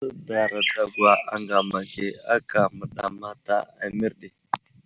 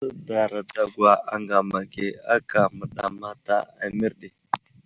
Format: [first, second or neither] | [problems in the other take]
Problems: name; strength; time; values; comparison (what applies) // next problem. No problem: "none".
second | background sound (Bird); 6 dB below the speech